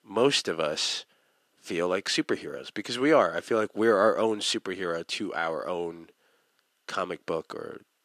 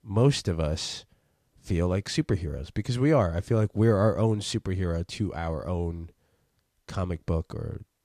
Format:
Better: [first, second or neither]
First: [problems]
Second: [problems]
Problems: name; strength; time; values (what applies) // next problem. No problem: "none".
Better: second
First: thin; somewhat; fading below 300 Hz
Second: none